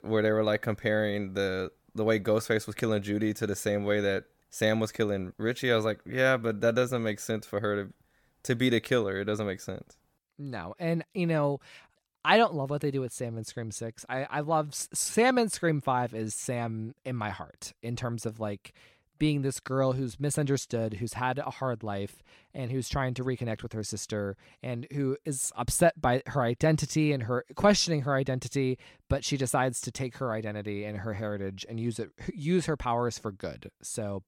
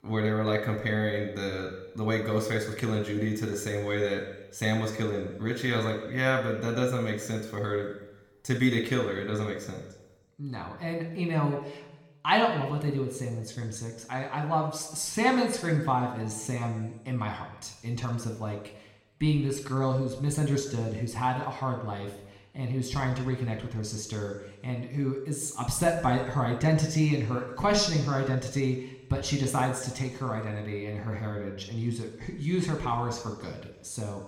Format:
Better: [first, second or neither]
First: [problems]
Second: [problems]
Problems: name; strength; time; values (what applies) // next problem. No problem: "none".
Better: first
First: none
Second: room echo; slight; dies away in 0.9 s